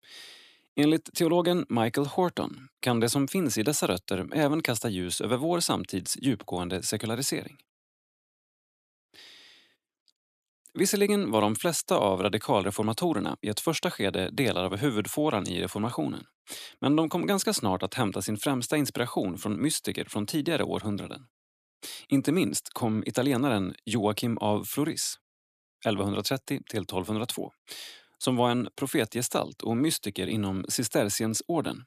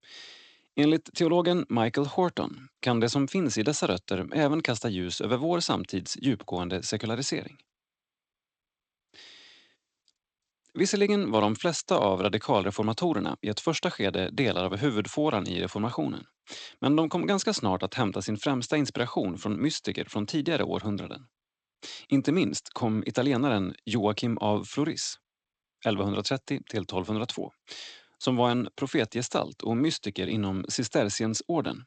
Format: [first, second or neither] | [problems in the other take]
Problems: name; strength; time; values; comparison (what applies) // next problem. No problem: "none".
first | garbled, watery; slightly; nothing above 8 kHz